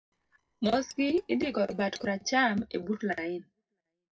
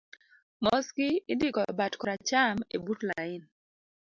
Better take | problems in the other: second | noise reduction (neural separator model SepFormer DNS4)

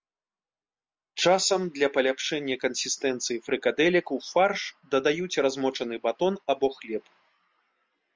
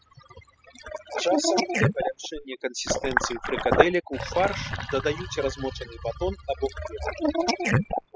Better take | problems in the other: first | noise reduction (classical method spectral subtraction)

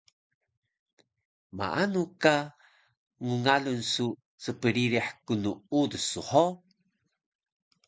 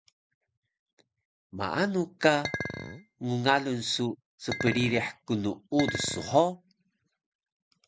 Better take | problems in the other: first | background sound (Chink, clink); 7 dB below the speech

